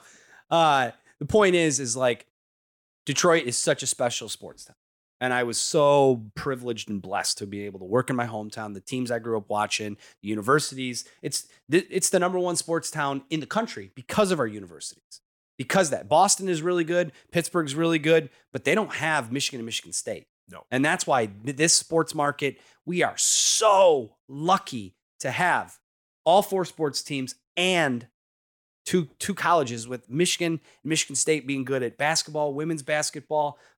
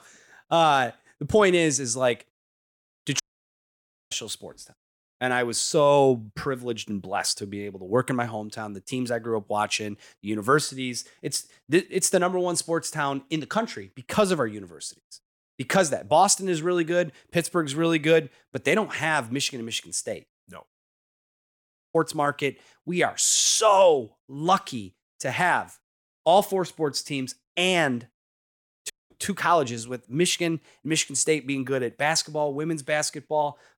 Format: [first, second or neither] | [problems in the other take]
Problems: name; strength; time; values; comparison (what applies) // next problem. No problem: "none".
first | audio cutting out; at 3 s for 1 s, at 21 s for 1.5 s and at 29 s